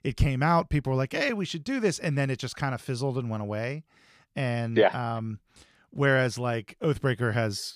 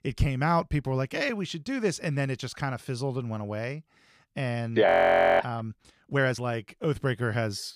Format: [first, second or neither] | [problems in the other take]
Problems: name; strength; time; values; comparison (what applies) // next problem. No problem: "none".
first | audio freezing; at 5 s for 0.5 s